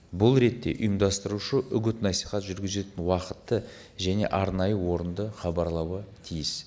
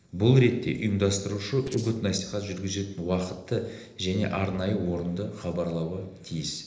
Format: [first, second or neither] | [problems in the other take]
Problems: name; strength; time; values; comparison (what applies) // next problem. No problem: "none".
first | noise reduction (neural separator model SepFormer DNS4)